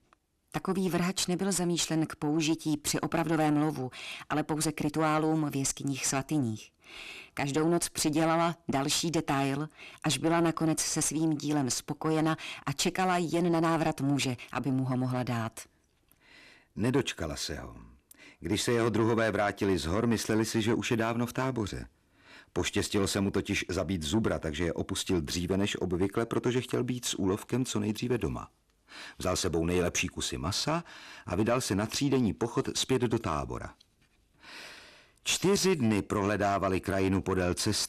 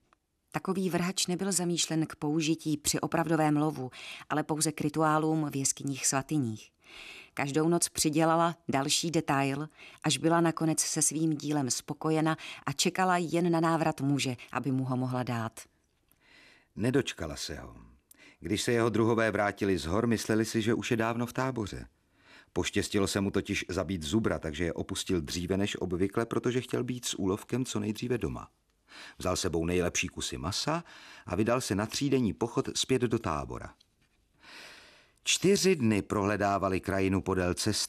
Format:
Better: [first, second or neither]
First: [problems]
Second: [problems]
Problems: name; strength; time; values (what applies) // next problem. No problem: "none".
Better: second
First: distortion; slight; 10 dB below the speech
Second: none